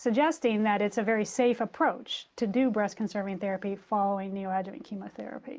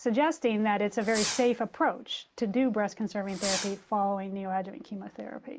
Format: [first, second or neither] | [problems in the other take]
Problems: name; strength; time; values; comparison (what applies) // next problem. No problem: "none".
first | background sound (Fireworks); 9 dB below the speech